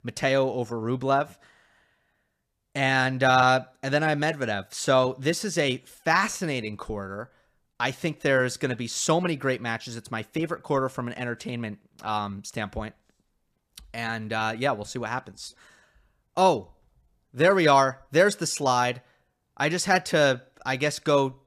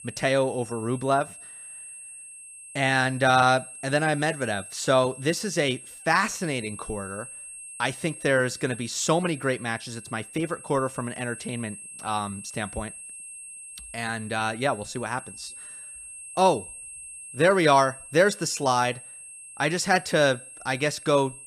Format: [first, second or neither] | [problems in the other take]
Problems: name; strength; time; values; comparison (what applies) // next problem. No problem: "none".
first | high-pitched whine; noticeable; throughout; 8.5 kHz, 15 dB below the speech